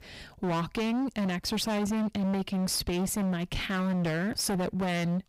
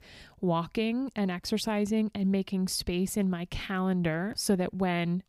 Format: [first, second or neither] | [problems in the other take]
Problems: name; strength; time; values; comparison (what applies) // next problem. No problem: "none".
second | distortion; heavy; 32% of the sound clipped